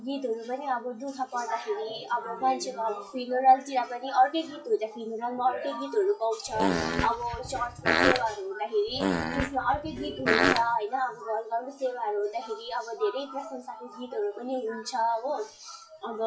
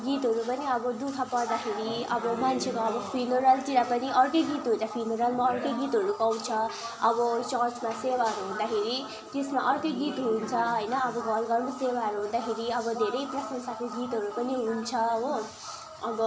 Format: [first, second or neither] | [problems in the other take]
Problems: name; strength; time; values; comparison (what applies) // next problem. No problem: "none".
second | noise reduction (classical method WPE with log-MMSE)